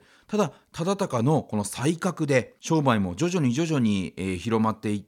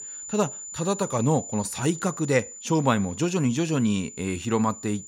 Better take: first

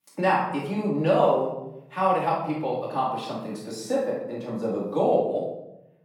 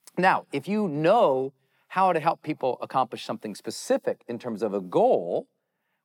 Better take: second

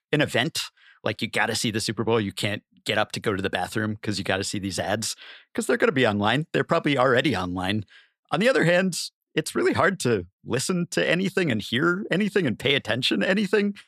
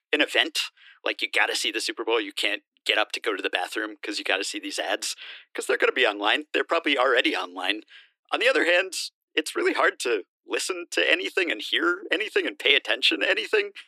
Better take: first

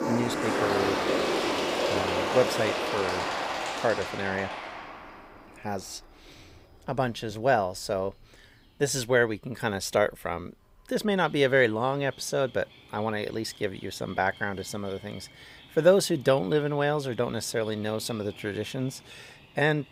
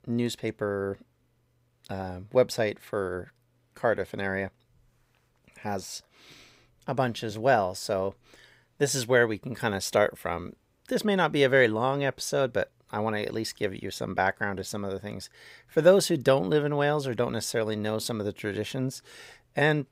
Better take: second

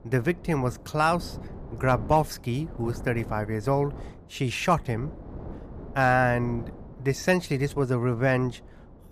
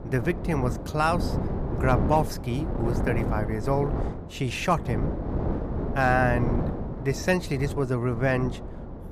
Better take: first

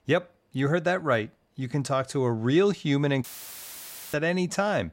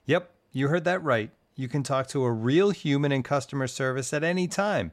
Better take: second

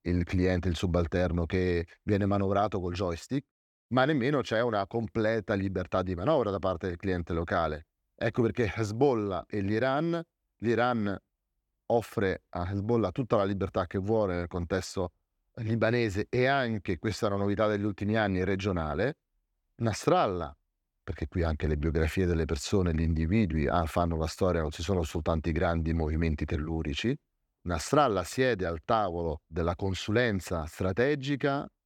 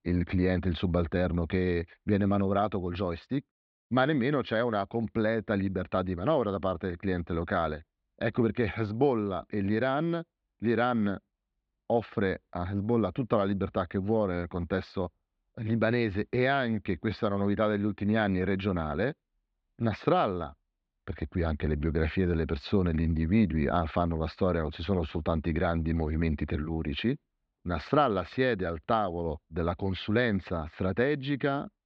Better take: first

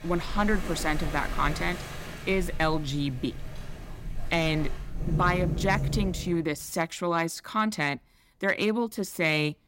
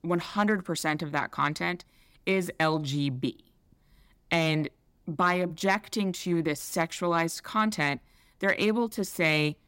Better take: second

